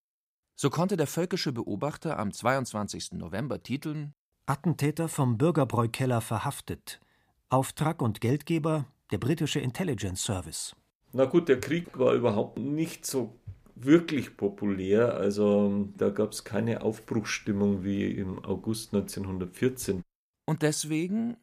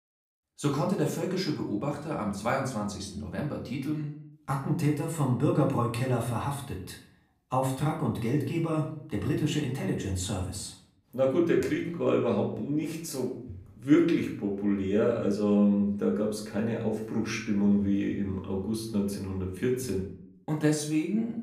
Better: first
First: none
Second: room echo; slight; dies away in 0.5 s // off-mic speech; far

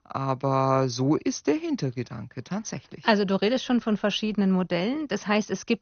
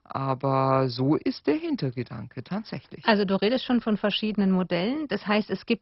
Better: first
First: garbled, watery; slightly; nothing above 6.5 kHz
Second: garbled, watery; badly; nothing above 5.5 kHz

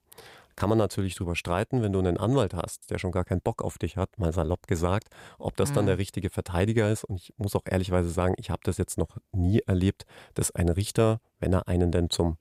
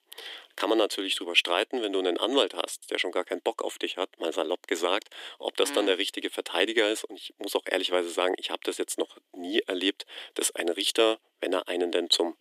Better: first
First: none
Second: thin; somewhat; fading below 300 Hz

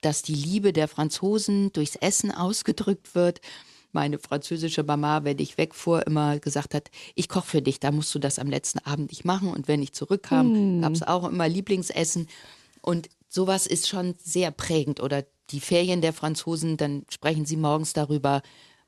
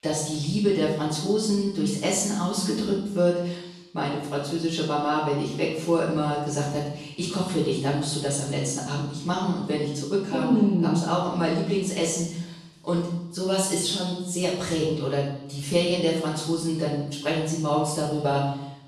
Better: first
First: none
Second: off-mic speech; far // room echo; noticeable; dies away in 0.8 s

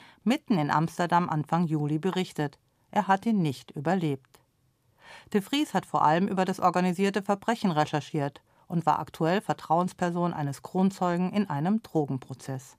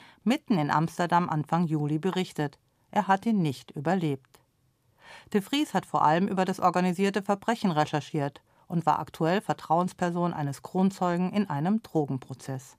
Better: neither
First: none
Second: none

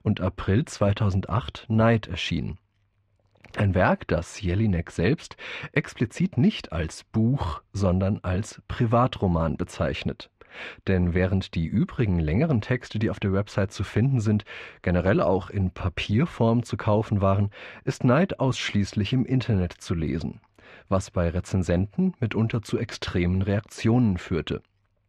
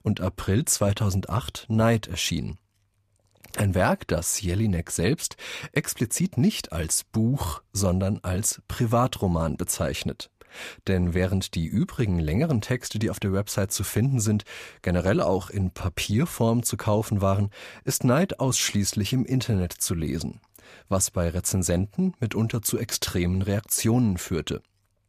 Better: second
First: muffled; slightly; fading above 2.5 kHz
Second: none

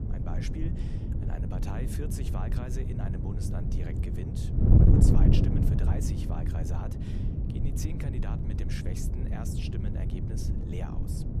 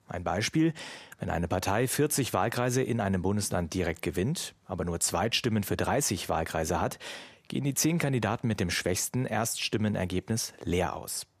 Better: second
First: wind noise on the microphone; heavy; 4 dB above the speech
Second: none

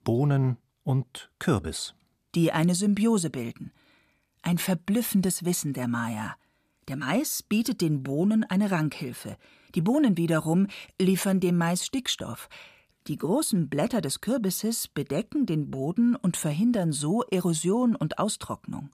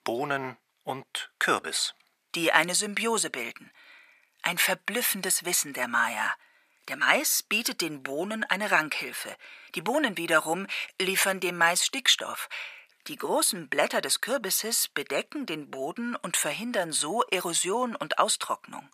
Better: first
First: none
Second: thin; very; fading below 600 Hz

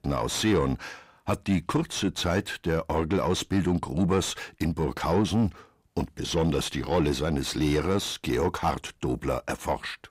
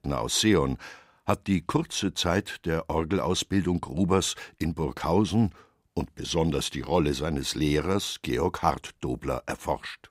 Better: second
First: distortion; slight; 10 dB below the speech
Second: none

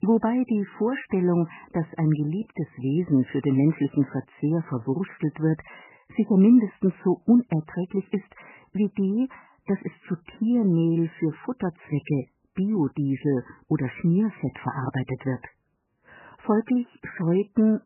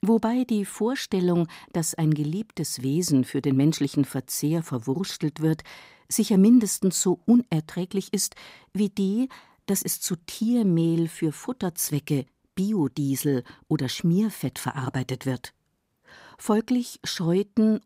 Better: second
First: garbled, watery; badly; nothing above 3 kHz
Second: none

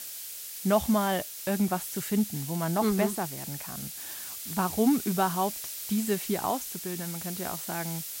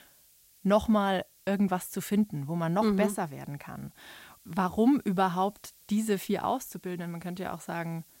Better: second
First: hiss; loud; throughout; 6 dB below the speech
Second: hiss; faint; throughout; 25 dB below the speech

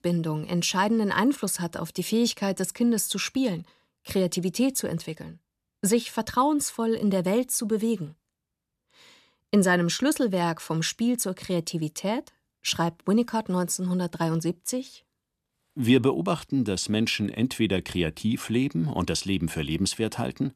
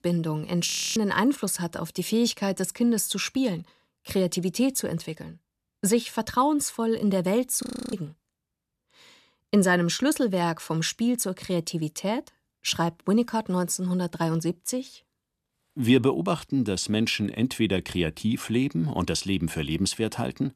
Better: first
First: none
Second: audio freezing; at 0.5 s and at 7.5 s

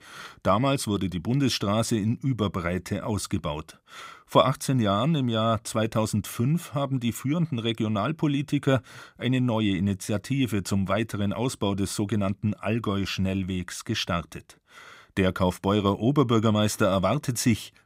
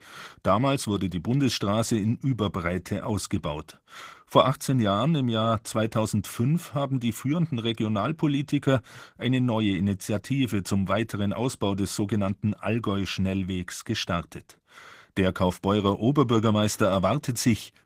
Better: first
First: none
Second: garbled, watery; slightly; nothing above 15.5 kHz

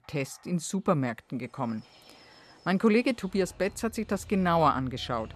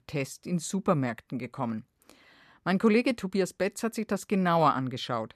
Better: second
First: animal sounds; faint; throughout; 25 dB below the speech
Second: none

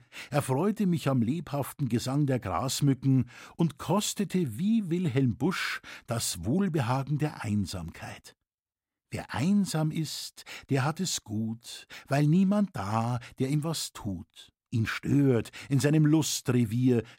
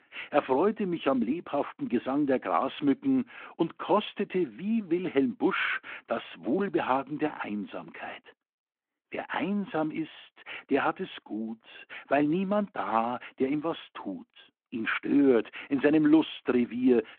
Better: first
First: none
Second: phone-call audio

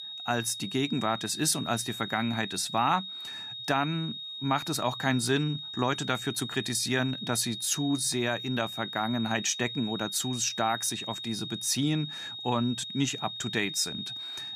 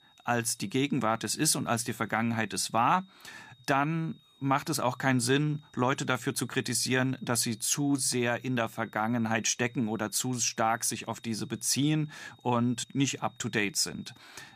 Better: second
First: high-pitched whine; loud; throughout; 3.5 kHz, 7 dB below the speech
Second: high-pitched whine; faint; throughout; 3.5 kHz, 30 dB below the speech

